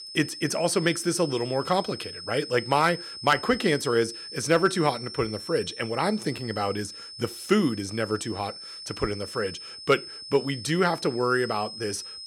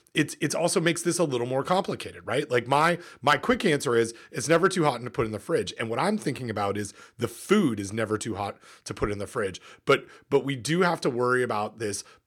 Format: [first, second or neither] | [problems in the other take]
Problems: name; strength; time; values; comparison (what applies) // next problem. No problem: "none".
second | high-pitched whine; noticeable; throughout; 5 kHz, 10 dB below the speech